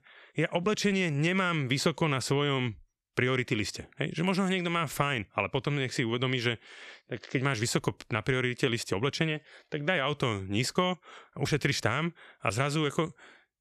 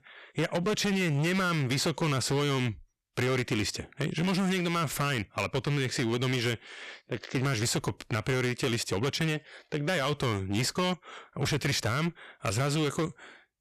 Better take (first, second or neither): first